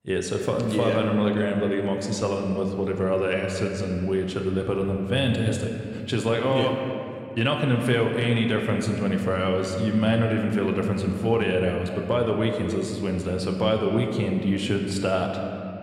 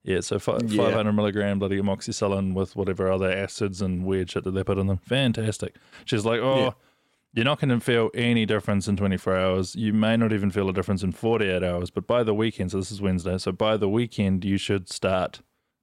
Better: second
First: room echo; slight; dies away in 2.2 s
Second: none

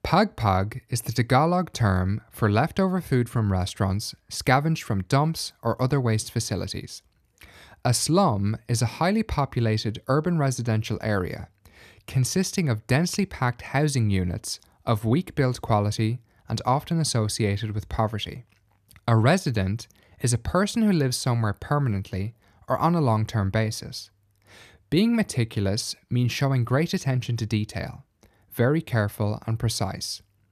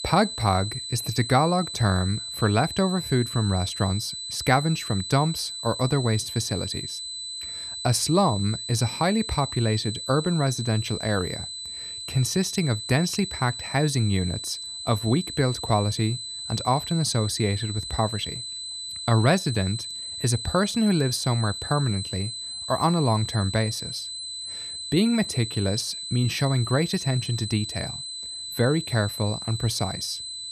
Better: first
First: none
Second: high-pitched whine; loud; throughout; 4 kHz, 7 dB below the speech

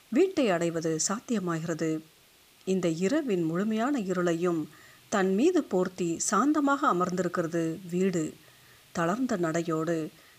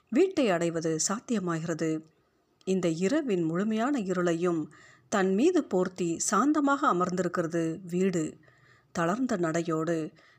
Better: second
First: hiss; faint; throughout; 30 dB below the speech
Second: none

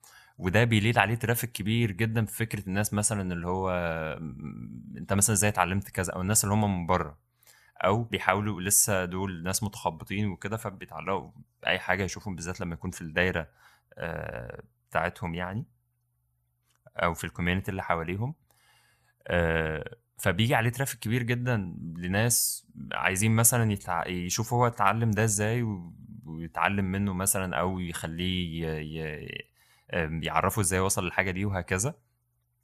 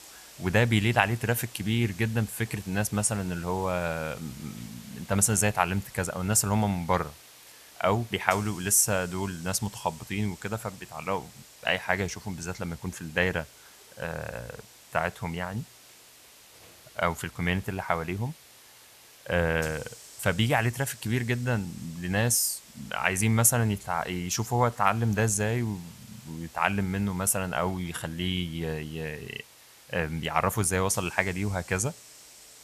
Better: first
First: none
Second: hiss; noticeable; throughout; 20 dB below the speech

